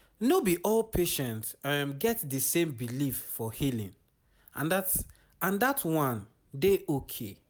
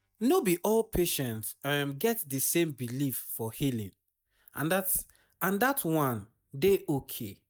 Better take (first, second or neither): first